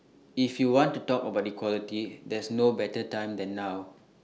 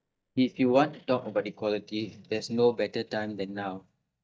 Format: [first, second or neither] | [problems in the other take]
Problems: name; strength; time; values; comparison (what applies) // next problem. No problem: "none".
first | noise reduction (neural mask model DeepFilterNet 3)